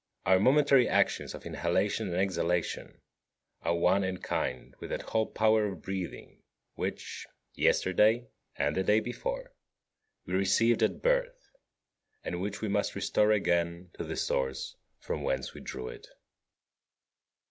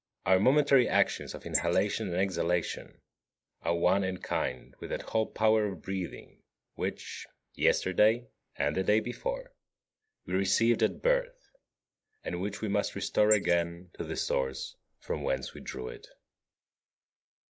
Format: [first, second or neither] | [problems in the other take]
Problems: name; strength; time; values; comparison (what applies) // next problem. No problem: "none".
first | noise reduction (neural mask model Resemble Enhance denoiser)